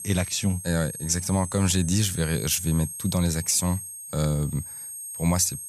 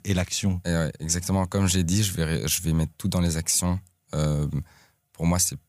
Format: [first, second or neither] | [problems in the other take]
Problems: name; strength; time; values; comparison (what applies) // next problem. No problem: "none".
second | high-pitched whine; loud; throughout; 8.5 kHz, 9 dB below the speech